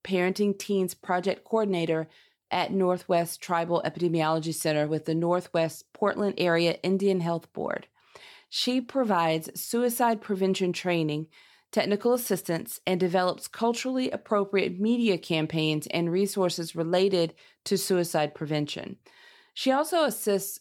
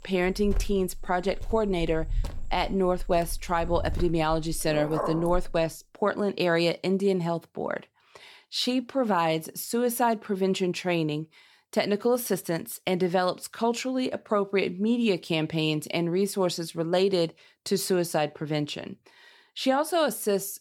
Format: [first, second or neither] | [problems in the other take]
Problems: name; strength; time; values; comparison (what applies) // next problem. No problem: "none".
first | animal sounds; noticeable; until 5.5 s; 10 dB below the speech